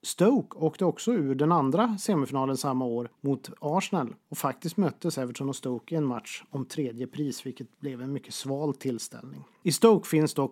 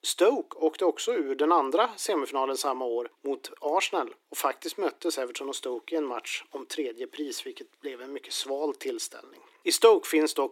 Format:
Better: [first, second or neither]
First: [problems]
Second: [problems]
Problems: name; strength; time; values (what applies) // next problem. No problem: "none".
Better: first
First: none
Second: thin; very; fading below 300 Hz